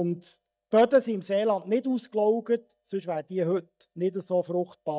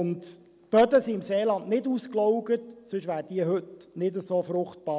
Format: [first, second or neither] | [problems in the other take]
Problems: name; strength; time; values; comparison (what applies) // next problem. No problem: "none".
second | noise reduction (neural mask model DeepFilterNet 3)